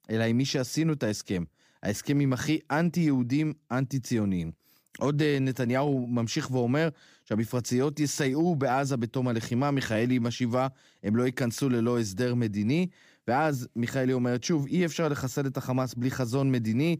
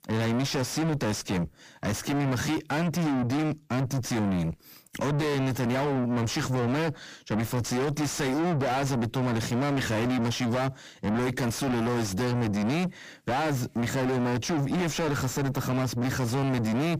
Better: first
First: none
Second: distortion; heavy; 5 dB below the speech

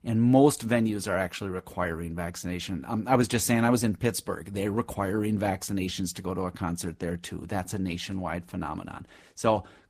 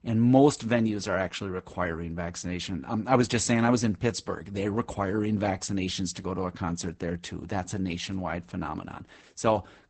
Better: first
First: garbled, watery; slightly; nothing above 14.5 kHz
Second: garbled, watery; badly; nothing above 8 kHz

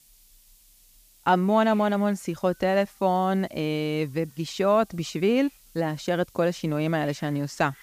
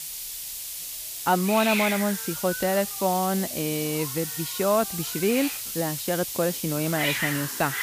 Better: first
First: hiss; faint; throughout; 25 dB below the speech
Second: hiss; loud; throughout; 3 dB below the speech

